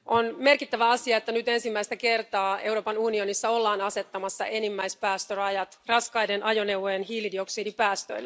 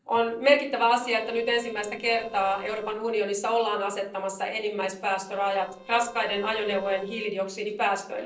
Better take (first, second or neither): first